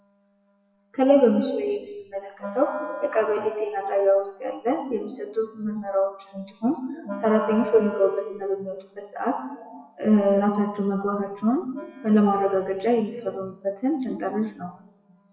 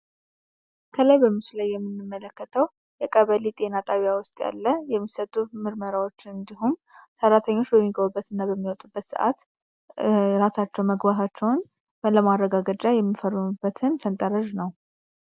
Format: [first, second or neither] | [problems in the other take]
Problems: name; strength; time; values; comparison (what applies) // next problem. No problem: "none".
second | noise reduction (classical method WPE with log-MMSE)